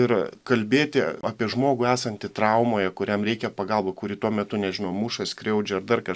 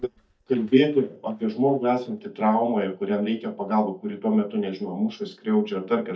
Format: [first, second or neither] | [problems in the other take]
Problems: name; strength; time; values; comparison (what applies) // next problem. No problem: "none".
first | noise reduction (neural mask model DeepFilterNet 3)